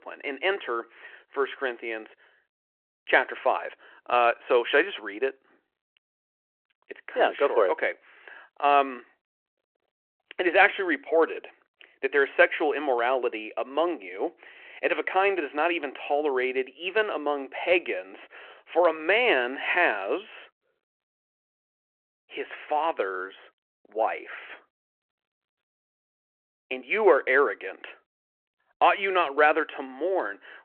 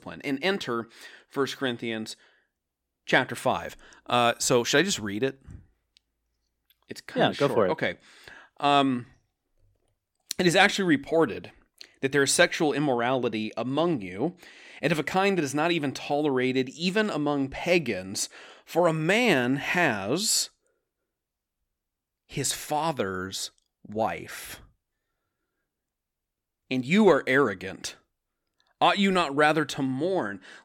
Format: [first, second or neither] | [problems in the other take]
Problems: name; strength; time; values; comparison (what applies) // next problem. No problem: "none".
second | phone-call audio